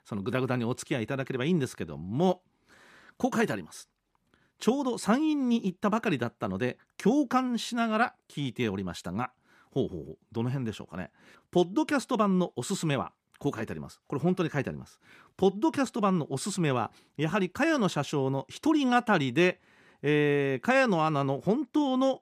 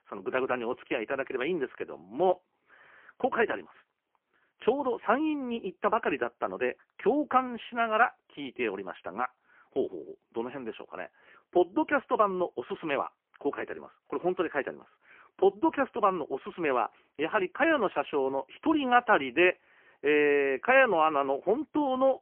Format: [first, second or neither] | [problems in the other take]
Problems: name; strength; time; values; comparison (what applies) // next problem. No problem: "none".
first | phone-call audio; poor line; nothing above 3 kHz